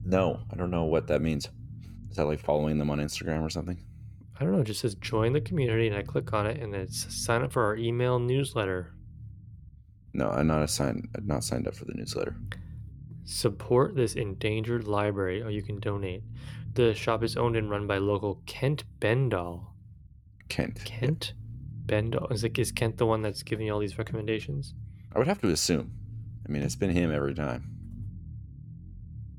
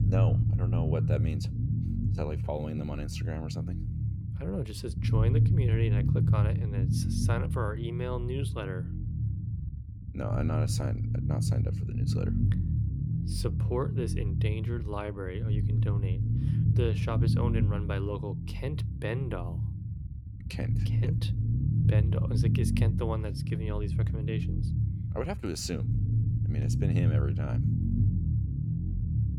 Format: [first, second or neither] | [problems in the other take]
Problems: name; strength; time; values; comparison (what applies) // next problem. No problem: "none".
first | low rumble; loud; throughout; 3 dB below the speech; faint in the first